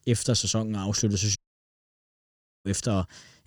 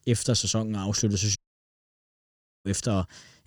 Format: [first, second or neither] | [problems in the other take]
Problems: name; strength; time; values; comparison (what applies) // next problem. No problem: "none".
neither | audio cutting out; at 1.5 s for 1.5 s; the same in both